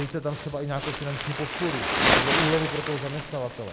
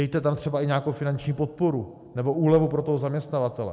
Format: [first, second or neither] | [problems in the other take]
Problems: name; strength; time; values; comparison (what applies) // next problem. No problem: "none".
second | background sound (Crumpling, crinkling); 2 dB above the speech